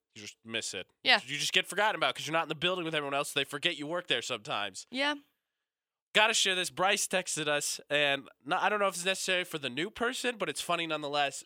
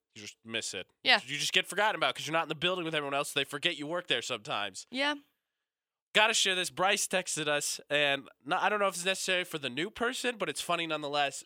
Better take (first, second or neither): neither